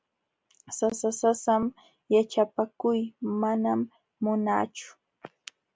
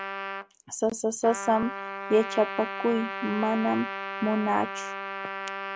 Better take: first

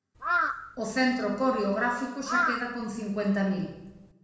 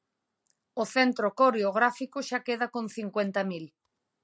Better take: second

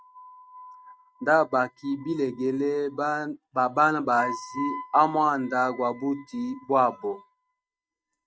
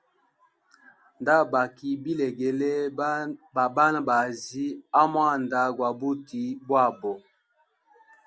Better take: second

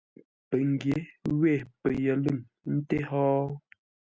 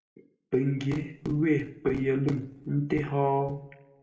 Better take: first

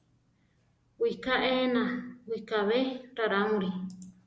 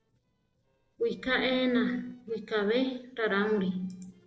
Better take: first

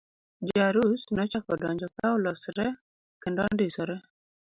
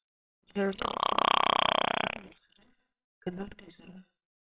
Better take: first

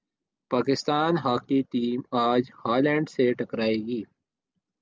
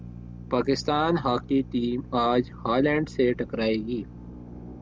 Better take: first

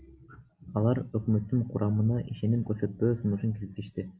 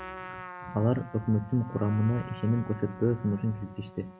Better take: first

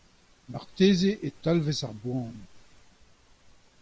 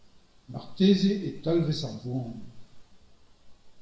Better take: first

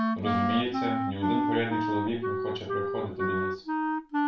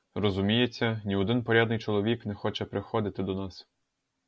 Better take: second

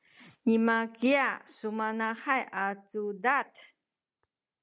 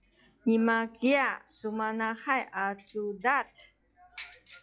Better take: first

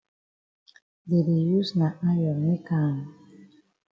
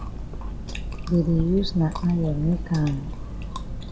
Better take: first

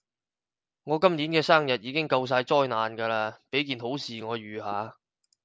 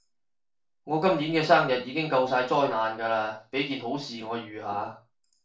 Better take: first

